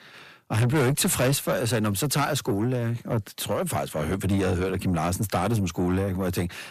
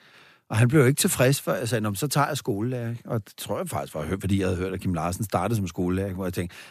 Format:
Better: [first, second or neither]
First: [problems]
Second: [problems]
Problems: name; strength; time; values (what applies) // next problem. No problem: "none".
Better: second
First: distortion; heavy; 8 dB below the speech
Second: none